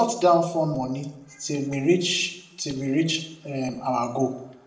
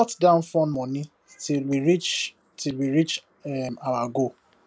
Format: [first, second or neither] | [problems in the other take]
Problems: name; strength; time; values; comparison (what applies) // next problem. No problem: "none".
second | room echo; dies away in 0.6 s